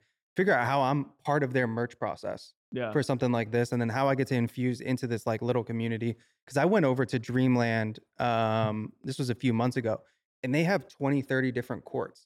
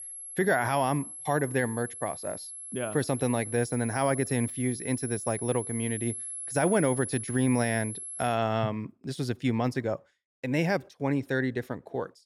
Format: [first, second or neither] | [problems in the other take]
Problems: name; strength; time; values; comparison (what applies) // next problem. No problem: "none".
first | high-pitched whine; loud; until 8.5 s; 11 kHz, 7 dB below the speech